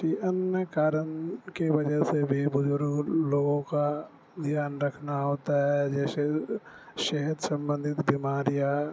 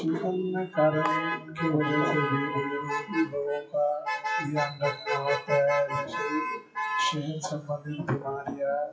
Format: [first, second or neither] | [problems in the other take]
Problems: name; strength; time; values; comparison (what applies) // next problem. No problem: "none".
first | noise reduction (classical method WPE with log-MMSE)